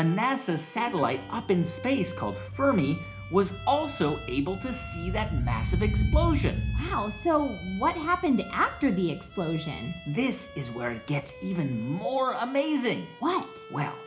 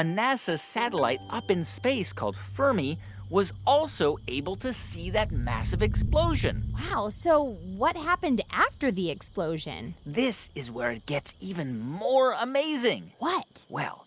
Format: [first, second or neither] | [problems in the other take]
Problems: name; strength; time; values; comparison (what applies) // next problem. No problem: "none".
second | background sound (Bowed string instrument); 17 dB below the speech // room echo; dies away in 0.4 s